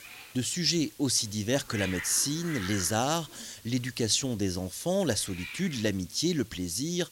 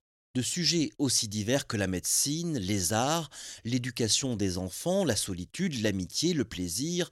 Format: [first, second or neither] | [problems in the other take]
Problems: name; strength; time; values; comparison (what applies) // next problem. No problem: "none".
second | hiss; noticeable; throughout; 15 dB below the speech